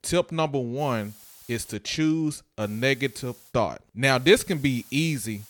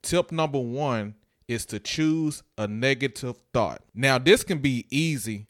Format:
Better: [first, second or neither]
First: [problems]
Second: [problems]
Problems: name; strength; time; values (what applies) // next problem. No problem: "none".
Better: second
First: hiss; faint; at 1 s, at 2.5 s and from 4 s on; 25 dB below the speech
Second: none